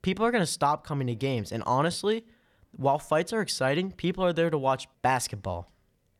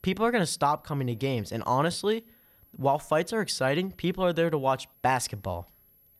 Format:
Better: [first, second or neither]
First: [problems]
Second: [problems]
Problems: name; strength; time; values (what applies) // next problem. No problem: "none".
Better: first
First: none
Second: high-pitched whine; faint; throughout; 11.5 kHz, 30 dB below the speech